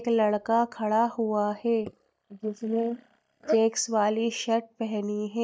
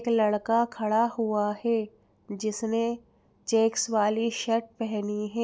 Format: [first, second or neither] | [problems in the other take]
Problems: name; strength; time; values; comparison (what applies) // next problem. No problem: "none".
second | noise reduction (neural mask model DeepFilterNet 3)